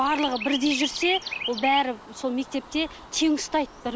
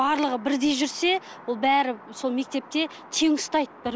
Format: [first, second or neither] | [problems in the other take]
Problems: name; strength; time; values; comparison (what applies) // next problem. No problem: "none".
second | background sound (Chirp, tweet); 10 dB below the speech